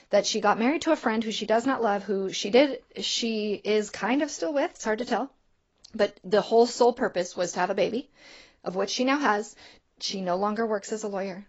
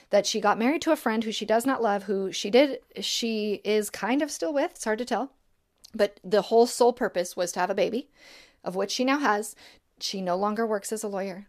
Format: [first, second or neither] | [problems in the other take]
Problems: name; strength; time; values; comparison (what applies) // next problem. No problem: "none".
second | garbled, watery; badly; nothing above 7.5 kHz